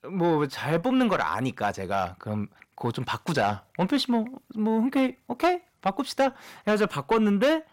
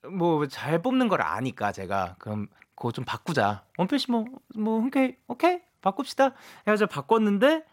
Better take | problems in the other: second | distortion; slight; 10 dB below the speech

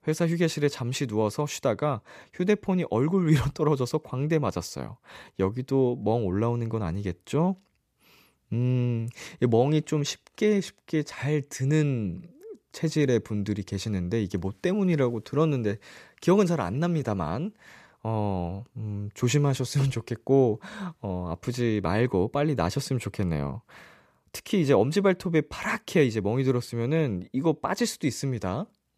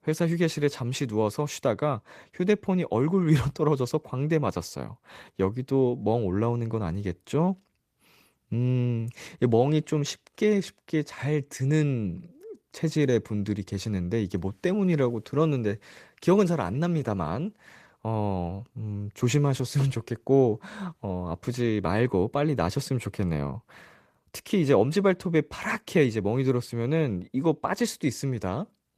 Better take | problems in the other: first | garbled, watery; slightly; nothing above 14.5 kHz

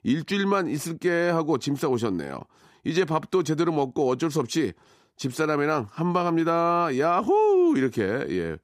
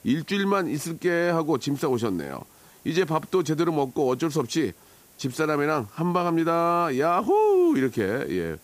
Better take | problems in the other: first | hiss; faint; throughout; 25 dB below the speech

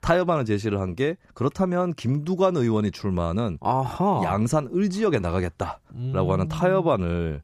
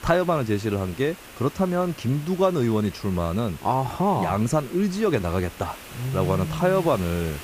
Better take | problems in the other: first | hiss; noticeable; throughout; 15 dB below the speech

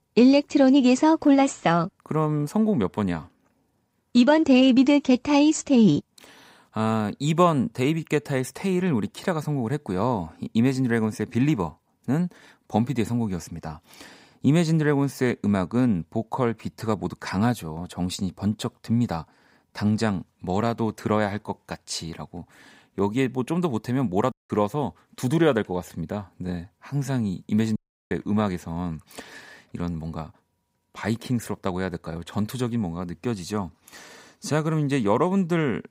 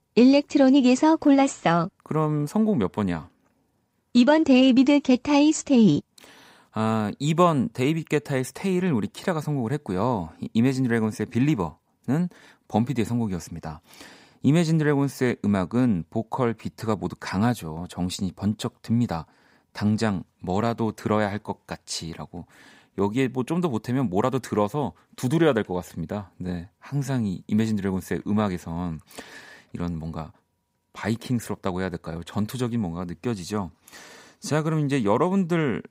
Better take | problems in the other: second | audio cutting out; at 24 s and at 28 s

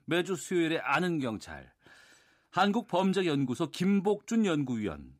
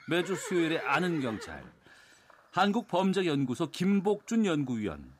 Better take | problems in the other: first | animal sounds; noticeable; throughout; 15 dB below the speech

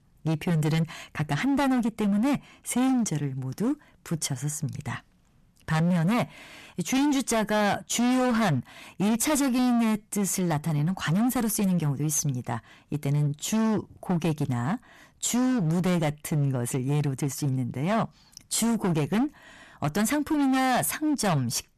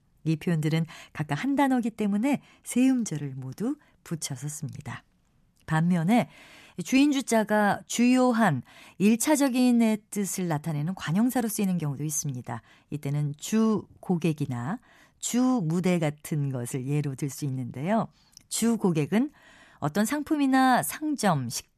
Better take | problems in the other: second | distortion; heavy; 20% of the sound clipped

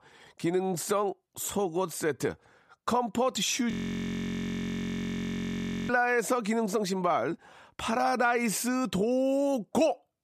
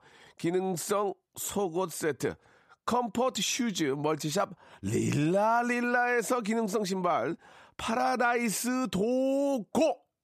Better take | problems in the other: second | audio freezing; at 3.5 s for 2 s

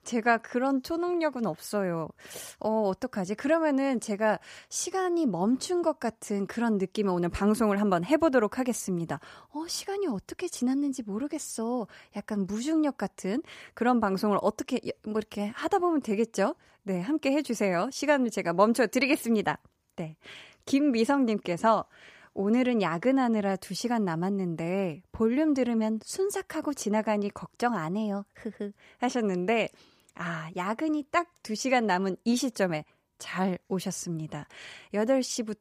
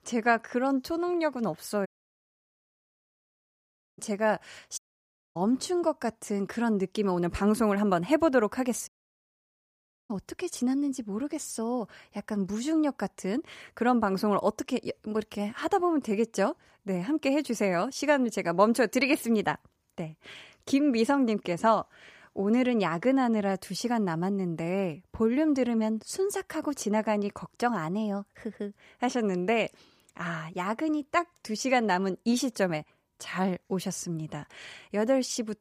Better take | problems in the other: first | audio cutting out; at 2 s for 2 s, at 5 s for 0.5 s and at 9 s for 1 s

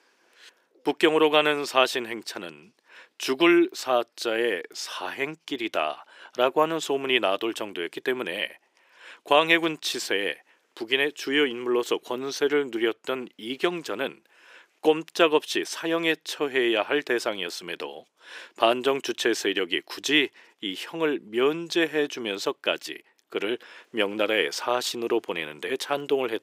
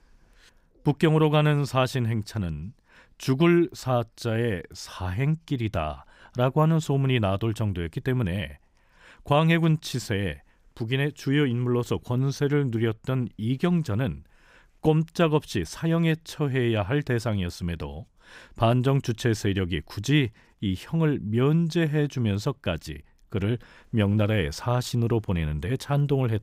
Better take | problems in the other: second | thin; very; fading below 350 Hz

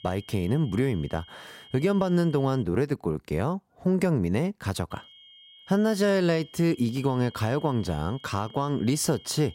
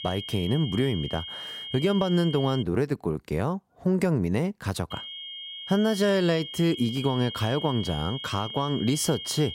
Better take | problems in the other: first | high-pitched whine; loud; until 2.5 s and from 5 s on; 3 kHz, 9 dB below the speech; faint in the first

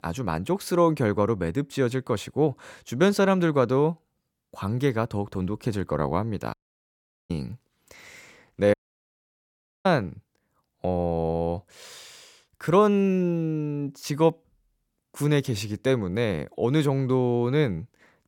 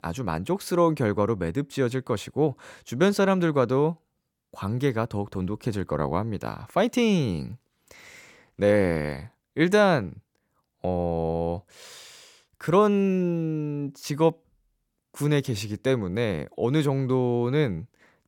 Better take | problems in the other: second | audio cutting out; at 6.5 s for 1 s and at 8.5 s for 1 s

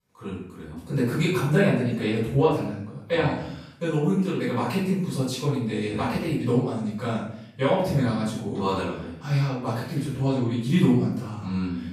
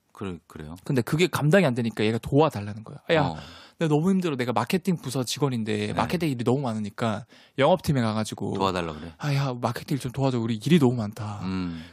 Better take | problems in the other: second | off-mic speech; far // room echo; noticeable; dies away in 0.6 s

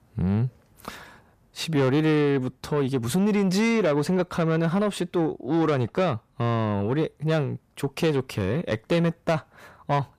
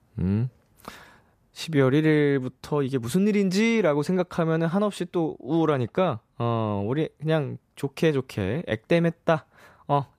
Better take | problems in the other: second | distortion; slight; 10 dB below the speech

